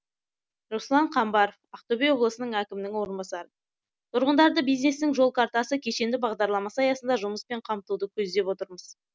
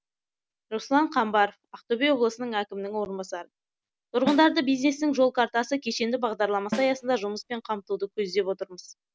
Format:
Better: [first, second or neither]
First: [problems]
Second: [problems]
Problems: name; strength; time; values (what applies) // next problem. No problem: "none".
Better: first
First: none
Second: background sound (Snare drum); 12 dB below the speech